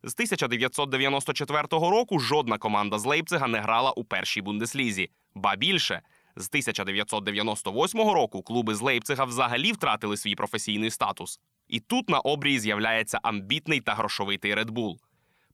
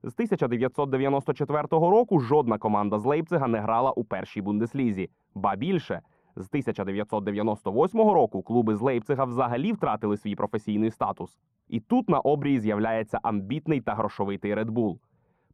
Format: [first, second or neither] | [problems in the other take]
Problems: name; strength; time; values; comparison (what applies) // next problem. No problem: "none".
first | muffled; very; fading above 2 kHz